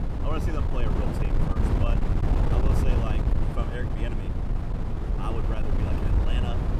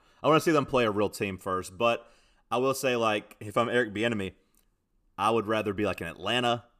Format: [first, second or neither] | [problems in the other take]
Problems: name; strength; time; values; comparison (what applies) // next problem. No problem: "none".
second | wind noise on the microphone; heavy; 2 dB above the speech